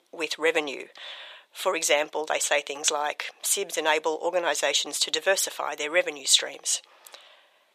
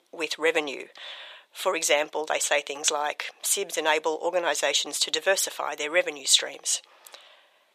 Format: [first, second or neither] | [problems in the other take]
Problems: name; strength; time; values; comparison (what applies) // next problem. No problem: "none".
neither | thin; very; fading below 500 Hz; the same in both